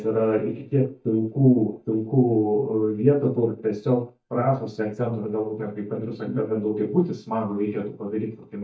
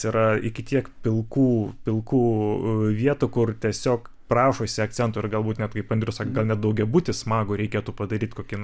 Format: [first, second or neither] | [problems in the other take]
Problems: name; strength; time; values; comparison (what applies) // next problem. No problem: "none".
second | noise reduction (neural mask model DeepFilterNet 3)